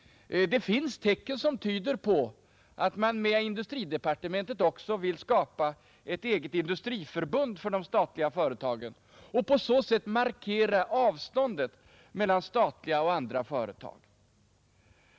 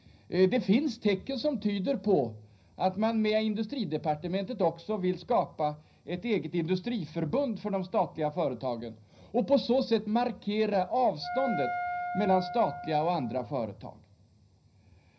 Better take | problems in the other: first | background sound (Wind instrument, woodwind instrument); 7 dB below the speech // room echo; dies away in 0.4 s

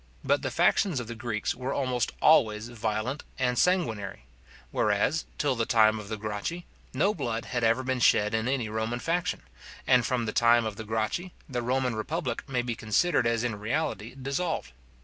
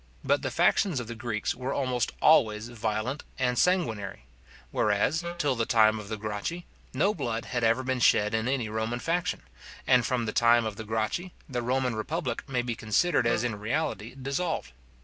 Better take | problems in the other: first | background sound (Wind instrument, woodwind instrument); 10 dB below the speech

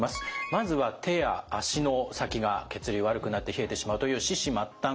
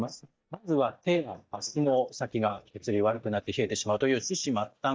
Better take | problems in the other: first | noise reduction (neural mask model DeepFilterNet 3)

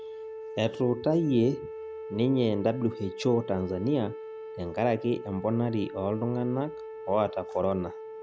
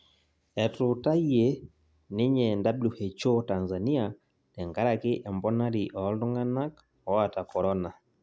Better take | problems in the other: second | background sound (Wind instrument, woodwind instrument); 11 dB below the speech

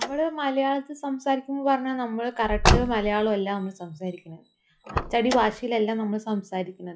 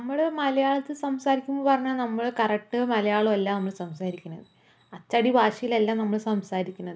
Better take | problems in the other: second | noise reduction (classical method log-MMSE)

